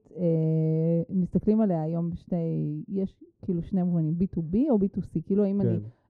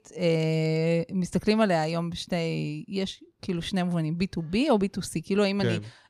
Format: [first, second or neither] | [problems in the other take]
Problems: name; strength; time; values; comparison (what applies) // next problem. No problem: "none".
second | muffled; very; fading above 1 kHz